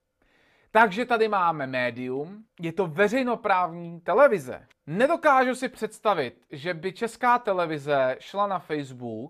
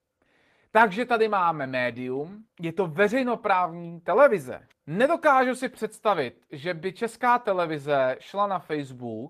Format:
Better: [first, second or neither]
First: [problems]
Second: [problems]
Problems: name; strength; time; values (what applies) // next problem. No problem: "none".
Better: first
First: none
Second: garbled, watery; slightly; nothing above 14.5 kHz